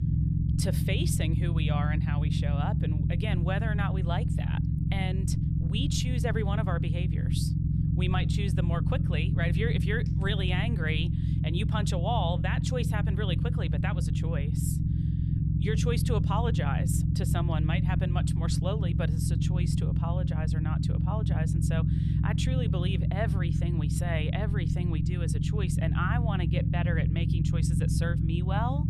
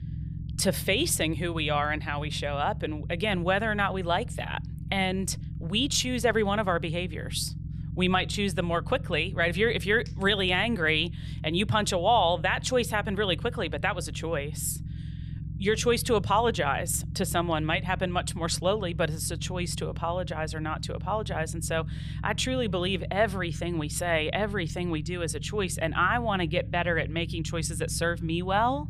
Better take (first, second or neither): second